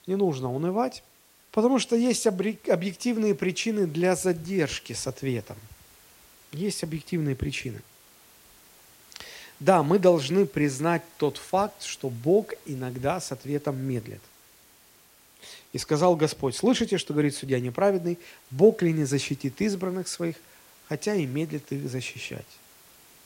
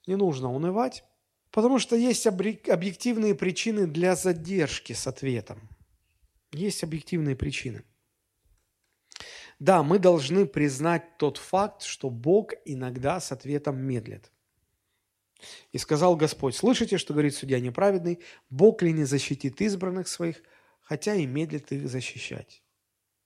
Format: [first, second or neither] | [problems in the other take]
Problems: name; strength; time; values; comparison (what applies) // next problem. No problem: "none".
second | hiss; faint; throughout; 25 dB below the speech